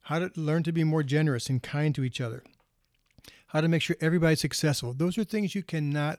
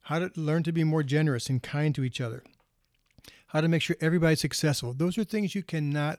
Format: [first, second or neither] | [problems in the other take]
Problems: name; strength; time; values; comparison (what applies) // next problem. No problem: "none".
neither | none